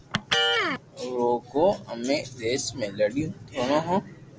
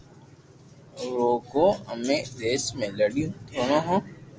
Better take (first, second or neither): second